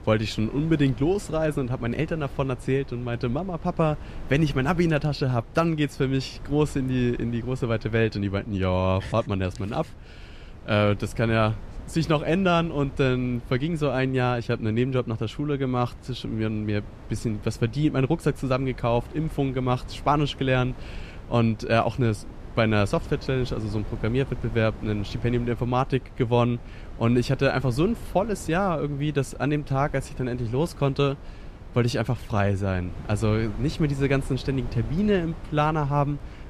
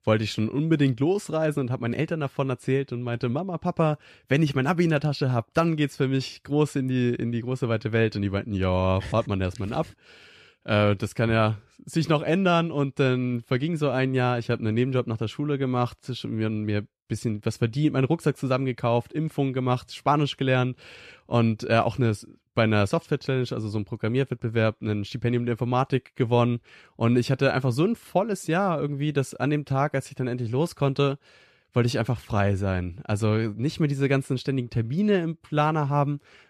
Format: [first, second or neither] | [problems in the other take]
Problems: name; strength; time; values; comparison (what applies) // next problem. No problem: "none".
second | wind noise on the microphone; occasional gusts; 20 dB below the speech